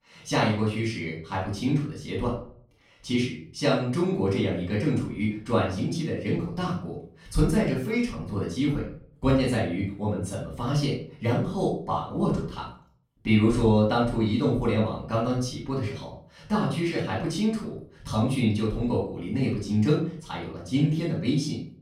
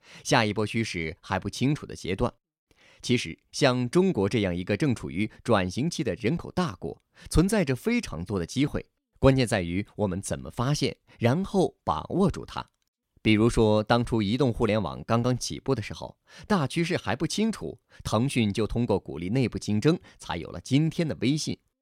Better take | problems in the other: second | off-mic speech; far // room echo; noticeable; dies away in 0.4 s

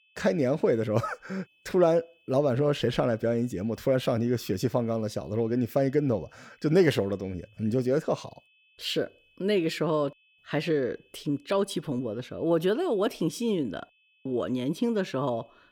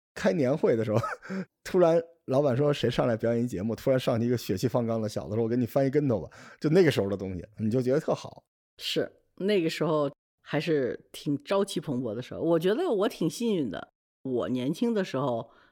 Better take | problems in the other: second | high-pitched whine; faint; throughout; 2.5 kHz, 35 dB below the speech

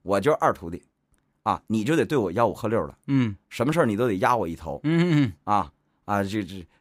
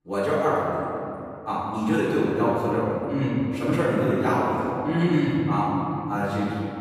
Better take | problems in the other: first | off-mic speech; far // room echo; strong; dies away in 2.8 s

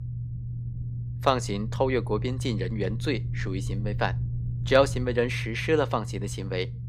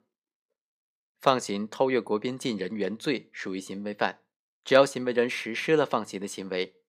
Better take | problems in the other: second | low rumble; noticeable; throughout; 20 dB below the speech

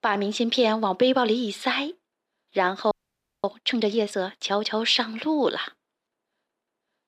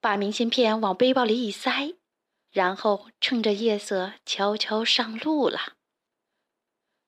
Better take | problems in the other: second | audio freezing; at 3 s for 0.5 s

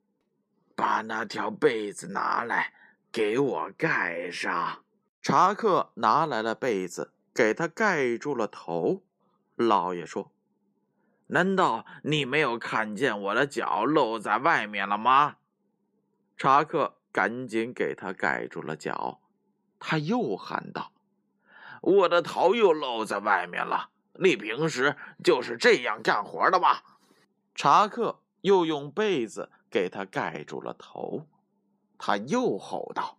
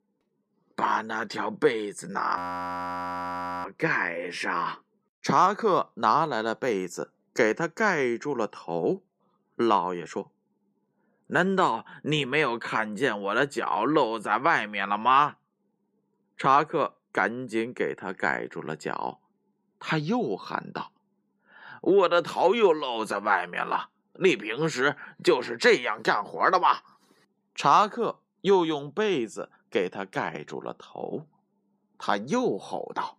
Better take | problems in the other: first | audio freezing; at 2.5 s for 1.5 s

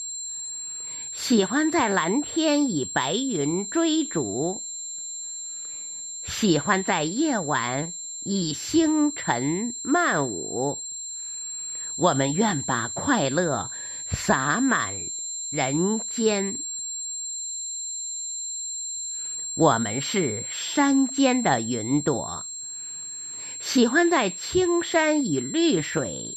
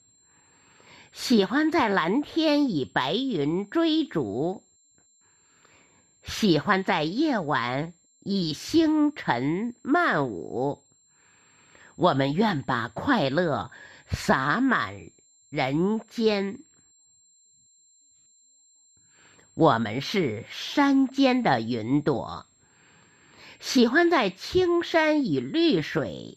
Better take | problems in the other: second | high-pitched whine; loud; throughout; 7.5 kHz, 7 dB below the speech; faint in the second

